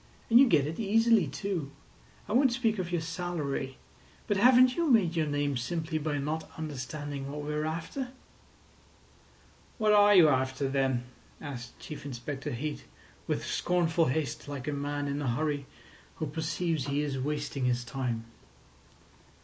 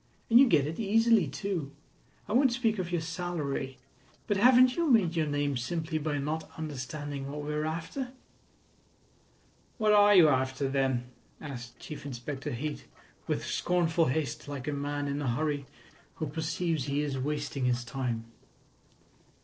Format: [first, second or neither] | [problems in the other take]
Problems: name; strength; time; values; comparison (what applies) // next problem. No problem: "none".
first | noise reduction (neural separator model SepFormer DNS4)